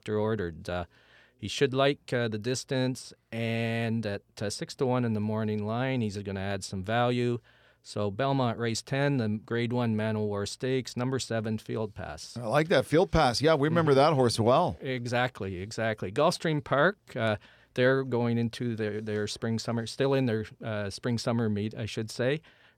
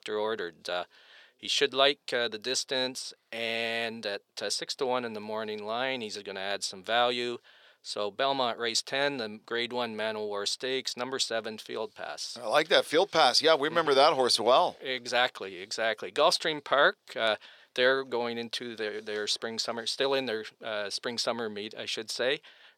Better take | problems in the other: first | thin; somewhat; fading below 500 Hz

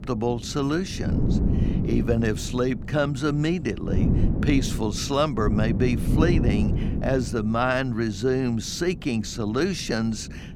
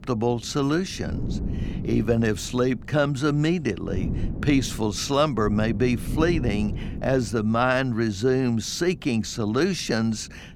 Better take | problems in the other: second | wind noise on the microphone; heavy; 8 dB below the speech; occasional gusts in the second

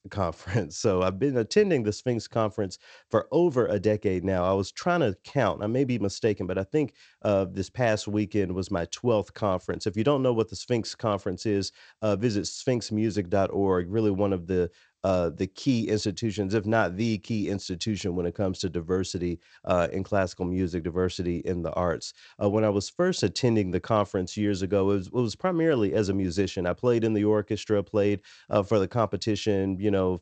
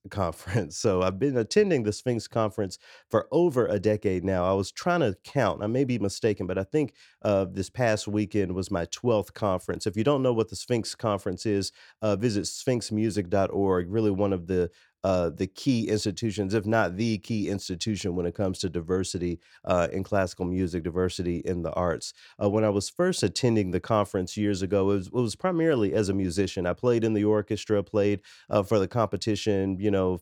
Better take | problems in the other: second | garbled, watery; slightly; nothing above 8 kHz

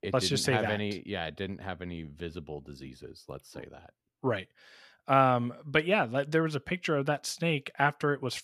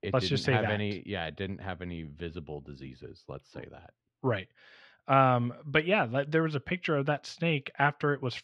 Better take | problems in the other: first | muffled; very slightly; fading above 3 kHz

